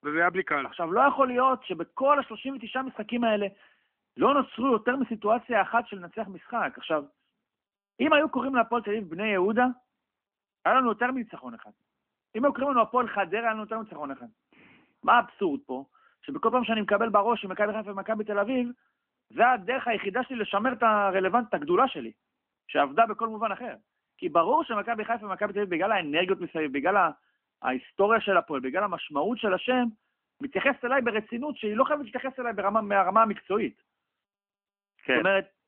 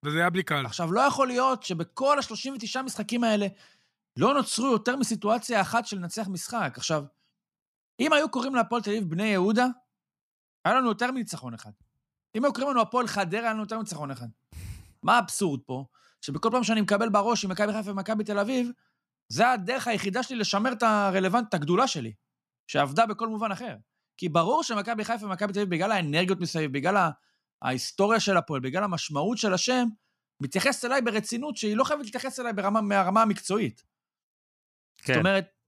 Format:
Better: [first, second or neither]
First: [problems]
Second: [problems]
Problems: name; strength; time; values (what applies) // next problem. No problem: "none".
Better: second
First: phone-call audio; nothing above 3 kHz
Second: none